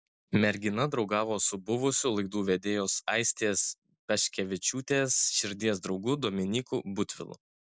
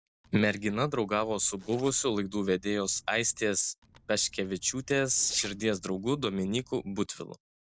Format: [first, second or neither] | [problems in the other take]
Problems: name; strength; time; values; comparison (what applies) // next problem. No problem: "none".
first | noise reduction (neural separator model SepFormer DNS4)